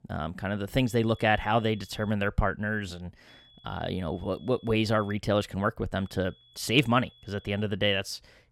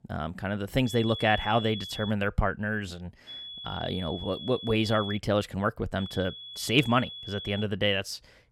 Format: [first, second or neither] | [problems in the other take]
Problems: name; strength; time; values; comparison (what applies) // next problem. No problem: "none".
first | high-pitched whine; loud; from 1 to 2 s, from 3.5 to 5 s and from 6 to 7.5 s; 3.5 kHz, 10 dB below the speech; faint in the first